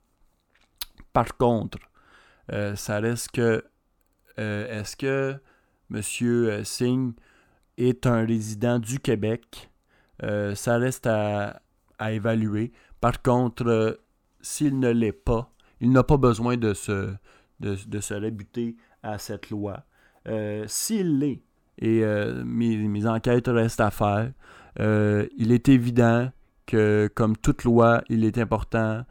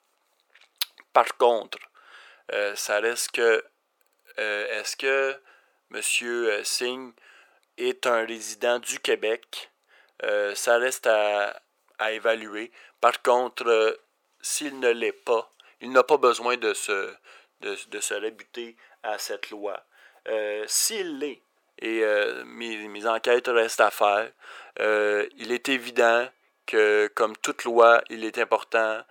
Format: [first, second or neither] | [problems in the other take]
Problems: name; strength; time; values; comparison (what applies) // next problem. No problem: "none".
first | thin; very; fading below 450 Hz